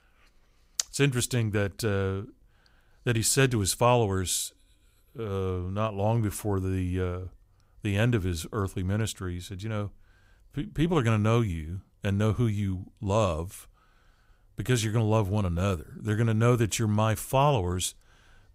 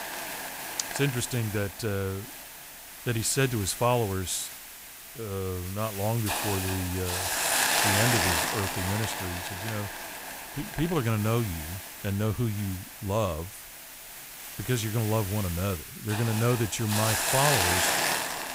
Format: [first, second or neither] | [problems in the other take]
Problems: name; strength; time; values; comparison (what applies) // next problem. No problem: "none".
first | hiss; very loud; throughout; as loud as the speech